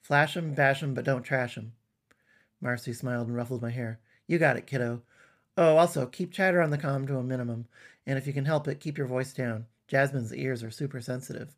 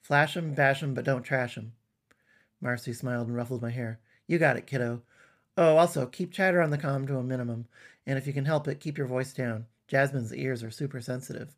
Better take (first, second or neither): neither